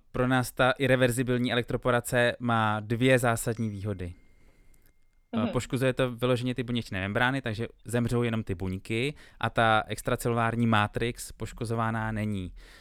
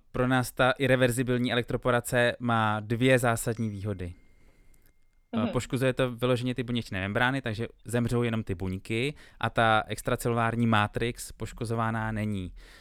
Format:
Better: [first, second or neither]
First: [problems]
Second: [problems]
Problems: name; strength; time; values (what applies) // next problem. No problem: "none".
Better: neither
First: none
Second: none